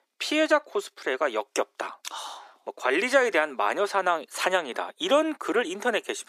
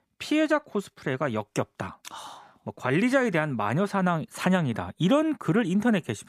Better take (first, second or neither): second